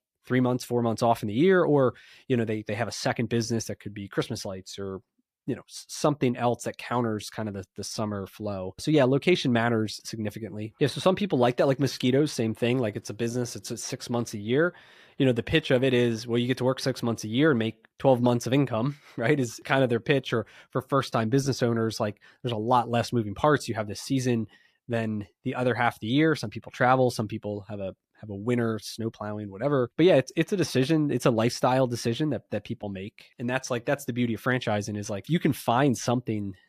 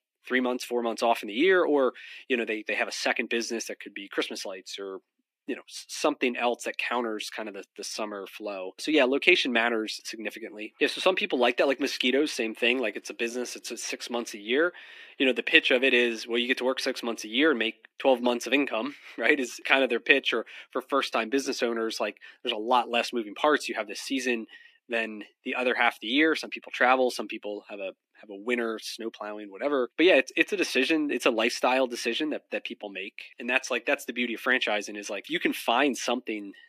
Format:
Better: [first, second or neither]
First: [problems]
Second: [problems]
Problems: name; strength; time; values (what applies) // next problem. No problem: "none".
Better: first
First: none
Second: thin; very slightly; fading below 250 Hz